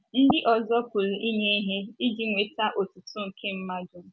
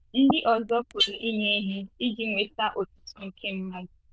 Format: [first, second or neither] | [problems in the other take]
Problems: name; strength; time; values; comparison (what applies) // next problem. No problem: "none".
first | noise reduction (neural diffusion model UNIVERSE++)